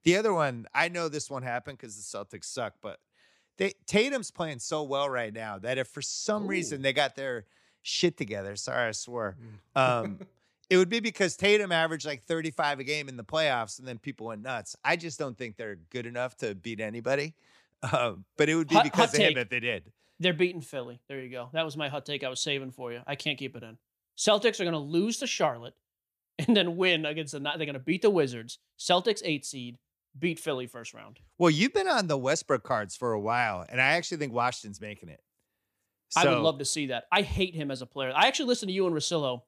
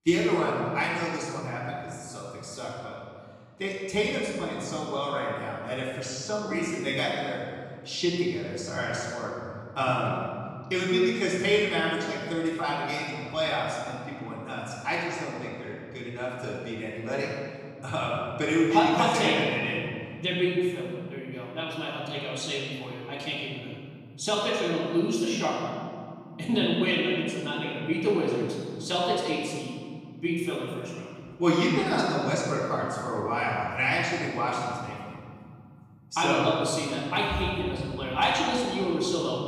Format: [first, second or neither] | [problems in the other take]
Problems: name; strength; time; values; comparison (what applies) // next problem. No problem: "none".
first | off-mic speech; far // room echo; strong; dies away in 2.4 s